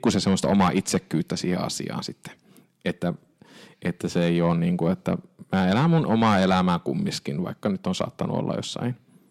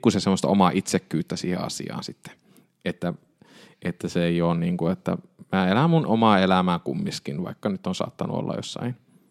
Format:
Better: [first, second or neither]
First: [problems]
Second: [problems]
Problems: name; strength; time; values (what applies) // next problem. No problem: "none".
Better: second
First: distortion; slight; 10 dB below the speech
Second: none